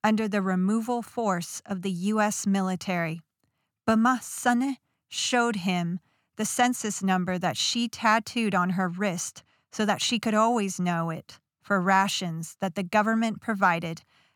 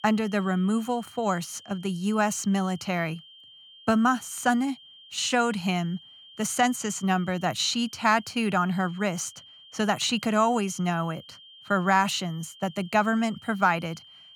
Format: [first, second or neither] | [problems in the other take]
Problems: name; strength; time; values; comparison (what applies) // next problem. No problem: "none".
first | high-pitched whine; faint; throughout; 3 kHz, 20 dB below the speech